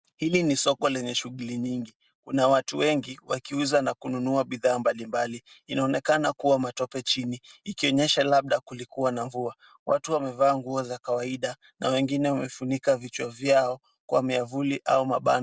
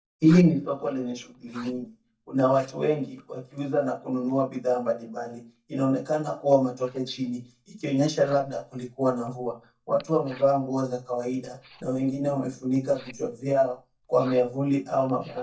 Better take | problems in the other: first | noise reduction (neural mask model DeepFilterNet 3)

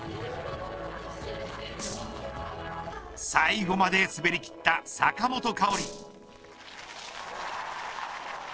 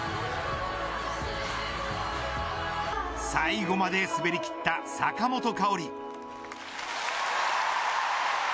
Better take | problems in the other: second | noise reduction (neural separator model SepFormer DNS4)

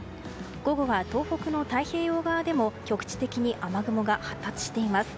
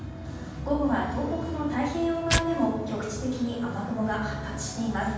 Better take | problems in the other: first | background sound (Tearing); 6 dB below the speech // room echo; dies away in 1.2 s

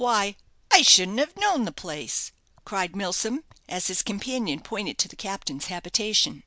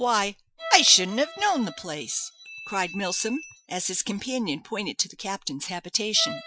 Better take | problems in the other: first | noise reduction (classical method Wiener filter)

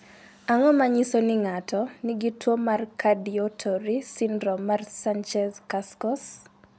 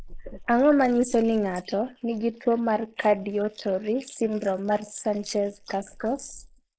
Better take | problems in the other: first | noise reduction (neural mask model Resemble Enhance denoiser)

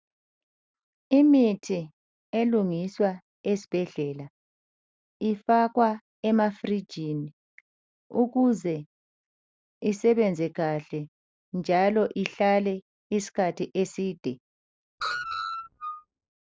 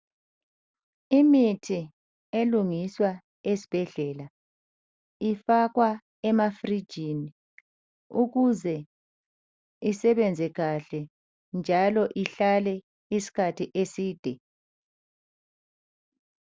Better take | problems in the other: second | noise reduction (neural mask model RNNoise)

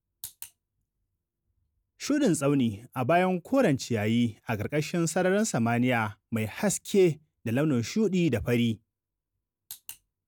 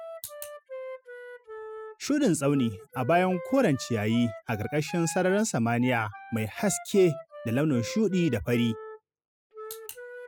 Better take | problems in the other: first | noise reduction (classical method spectral subtraction)

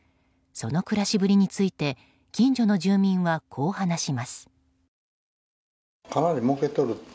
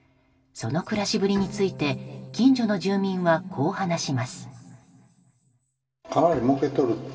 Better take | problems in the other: first | background sound (Bowed string instrument); 18 dB below the speech // room echo; dies away in 2.4 s

